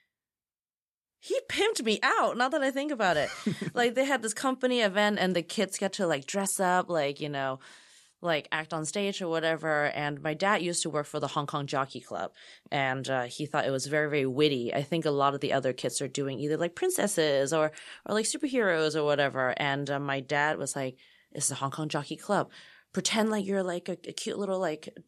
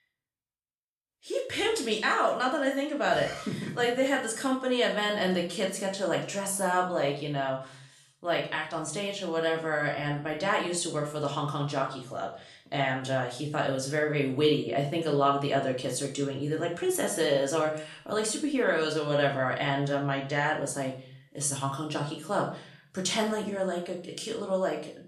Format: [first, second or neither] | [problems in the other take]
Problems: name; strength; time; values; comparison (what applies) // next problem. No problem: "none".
first | room echo; slight; dies away in 0.5 s // off-mic speech; far